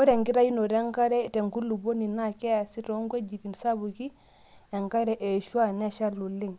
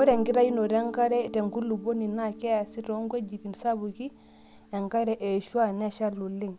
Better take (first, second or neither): first